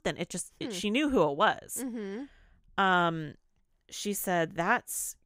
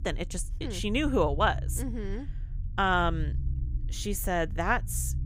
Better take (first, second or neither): first